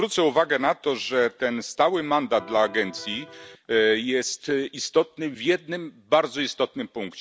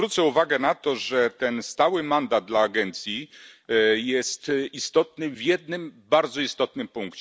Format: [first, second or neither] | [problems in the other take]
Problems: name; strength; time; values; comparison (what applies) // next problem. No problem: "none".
second | background sound (Electric guitar); 18 dB below the speech